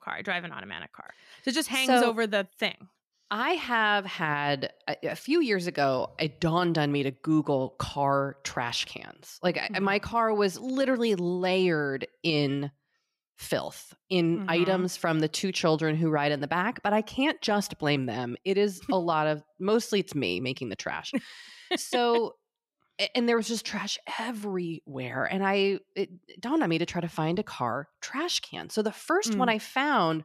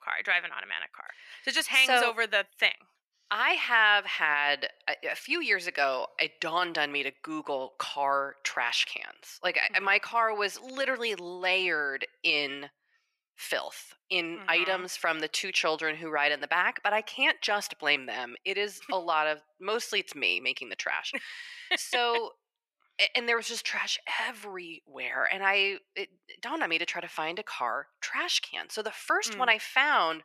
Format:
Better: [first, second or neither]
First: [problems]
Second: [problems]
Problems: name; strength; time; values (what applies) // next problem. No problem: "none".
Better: first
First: none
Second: thin; very; fading below 600 Hz